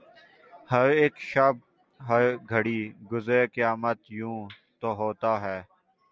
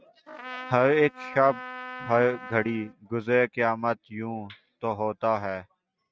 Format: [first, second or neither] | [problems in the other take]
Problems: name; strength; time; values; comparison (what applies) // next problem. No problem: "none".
first | noise reduction (neural mask model RNNoise)